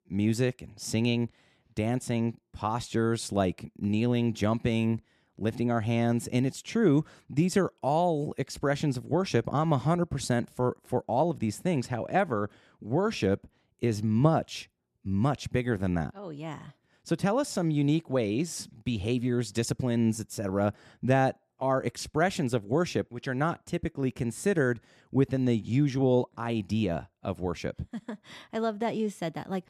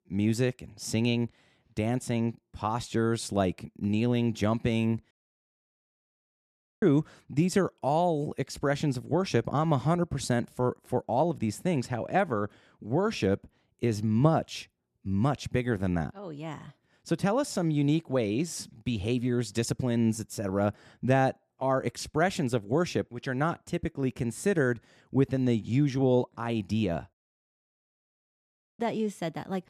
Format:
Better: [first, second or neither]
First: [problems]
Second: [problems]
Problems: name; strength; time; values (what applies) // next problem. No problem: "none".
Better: first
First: none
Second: audio cutting out; at 5 s for 1.5 s and at 27 s for 1.5 s